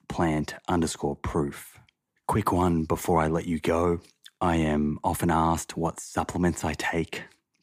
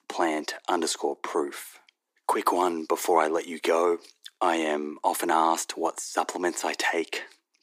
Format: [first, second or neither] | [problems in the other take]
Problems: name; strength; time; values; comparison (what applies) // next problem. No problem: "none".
first | thin; somewhat; fading below 350 Hz